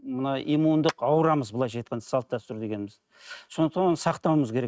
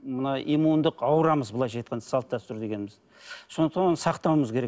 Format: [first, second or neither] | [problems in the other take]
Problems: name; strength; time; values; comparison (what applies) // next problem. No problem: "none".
second | noise reduction (neural mask model RNNoise)